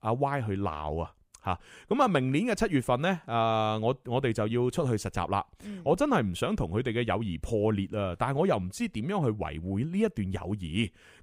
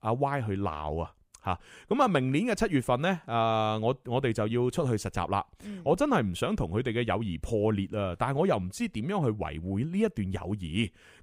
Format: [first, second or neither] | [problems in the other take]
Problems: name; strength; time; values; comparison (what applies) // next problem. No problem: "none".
neither | none